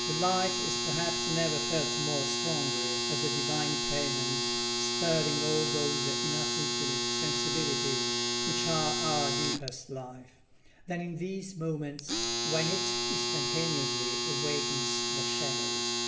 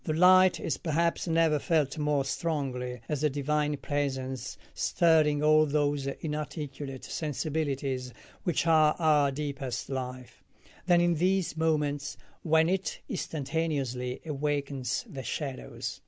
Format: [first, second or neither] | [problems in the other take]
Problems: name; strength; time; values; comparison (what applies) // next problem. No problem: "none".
second | background sound (Domestic sounds, home sounds); 4 dB above the speech // room echo; dies away in 0.9 s